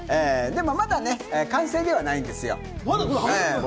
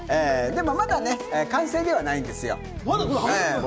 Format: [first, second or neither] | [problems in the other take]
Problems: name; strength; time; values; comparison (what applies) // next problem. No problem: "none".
first | background sound (Guitar); 14 dB below the speech